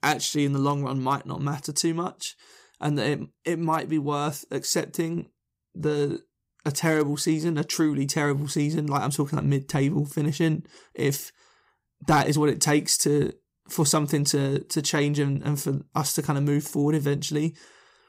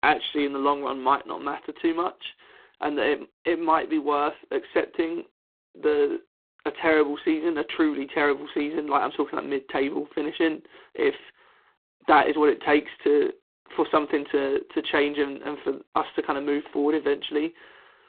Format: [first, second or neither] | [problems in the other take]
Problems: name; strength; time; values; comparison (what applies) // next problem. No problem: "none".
first | phone-call audio; poor line; nothing above 3.5 kHz